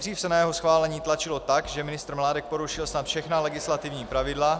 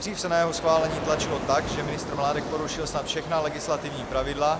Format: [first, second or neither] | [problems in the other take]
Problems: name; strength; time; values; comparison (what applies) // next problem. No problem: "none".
first | background sound (Ocean); 7 dB below the speech